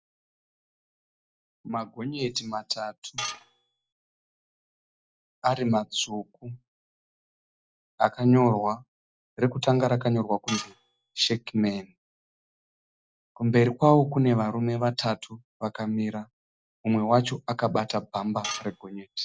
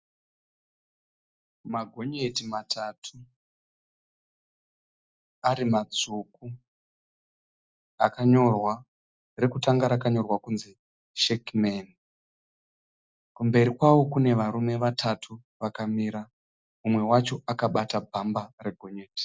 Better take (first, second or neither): second